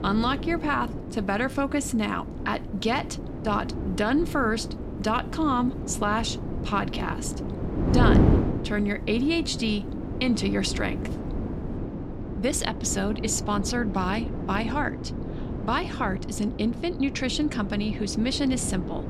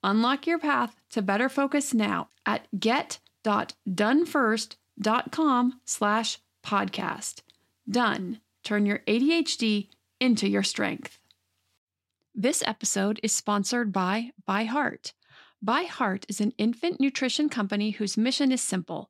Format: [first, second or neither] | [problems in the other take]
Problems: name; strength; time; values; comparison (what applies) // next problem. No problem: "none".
second | wind noise on the microphone; heavy; 8 dB below the speech